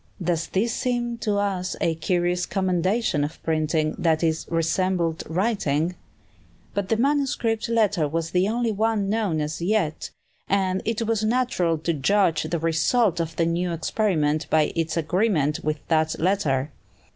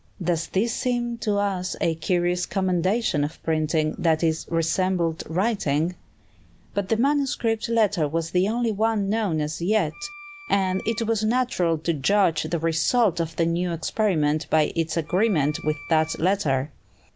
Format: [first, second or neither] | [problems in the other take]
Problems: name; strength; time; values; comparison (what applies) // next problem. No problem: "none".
first | background sound (Wind instrument, woodwind instrument); 19 dB below the speech